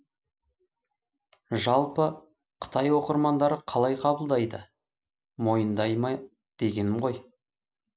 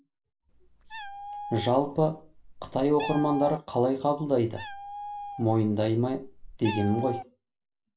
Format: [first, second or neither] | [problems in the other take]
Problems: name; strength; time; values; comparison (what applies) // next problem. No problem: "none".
first | background sound (Meow); 11 dB below the speech // room echo; dies away in 0.2 s